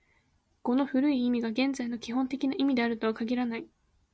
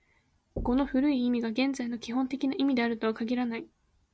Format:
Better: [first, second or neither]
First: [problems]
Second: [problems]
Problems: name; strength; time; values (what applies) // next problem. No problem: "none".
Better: first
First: none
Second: background sound (Knock); 16 dB below the speech